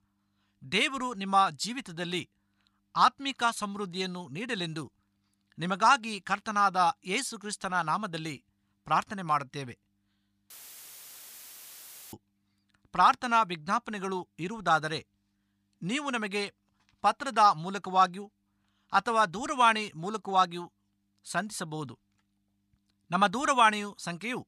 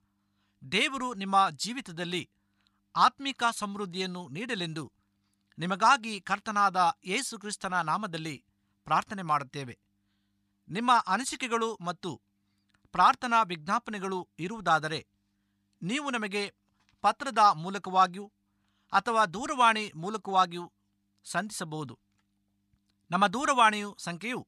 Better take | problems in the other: second | audio cutting out; filled with static; at 11 s for 1.5 s

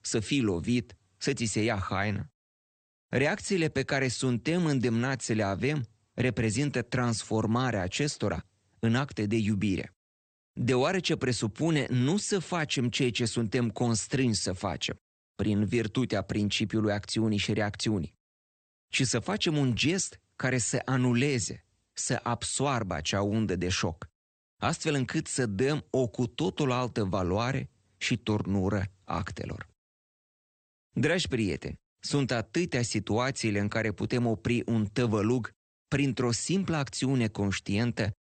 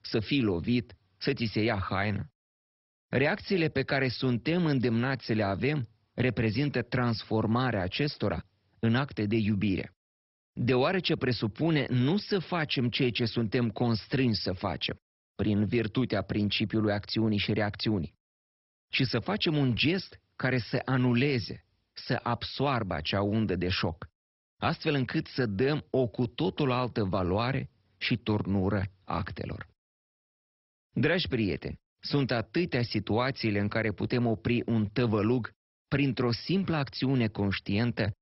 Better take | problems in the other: first | garbled, watery; badly; nothing above 5.5 kHz; slightly in the first

